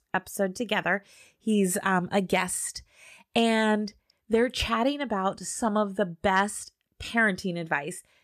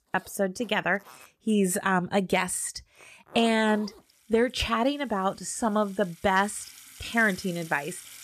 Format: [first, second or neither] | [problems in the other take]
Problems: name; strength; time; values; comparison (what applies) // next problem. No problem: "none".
first | household noises; faint; throughout; 20 dB below the speech